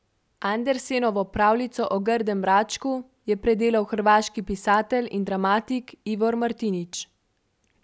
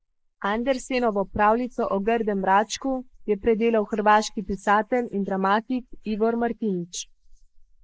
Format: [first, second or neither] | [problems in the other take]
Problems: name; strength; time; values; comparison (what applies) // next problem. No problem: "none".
first | noise reduction (neural mask model Resemble Enhance denoiser)